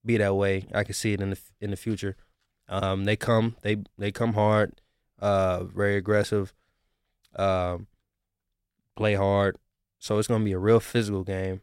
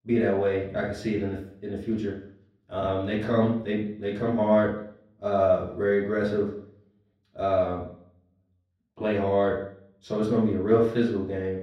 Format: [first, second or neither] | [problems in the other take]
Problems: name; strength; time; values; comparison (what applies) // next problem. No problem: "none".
first | room echo; noticeable; dies away in 0.6 s // off-mic speech; far